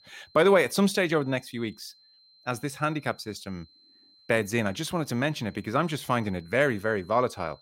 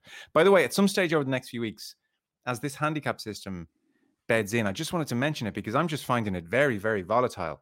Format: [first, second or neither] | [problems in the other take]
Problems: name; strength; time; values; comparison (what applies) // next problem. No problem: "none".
second | high-pitched whine; faint; throughout; 4 kHz, 30 dB below the speech